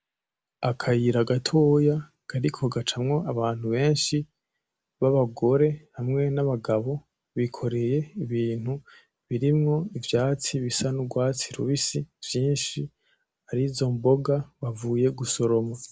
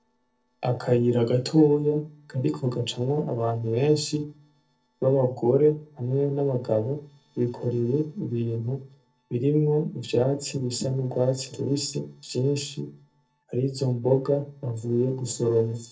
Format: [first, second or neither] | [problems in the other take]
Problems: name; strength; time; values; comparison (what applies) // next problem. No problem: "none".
first | noise reduction (neural separator model SepFormer DNS4)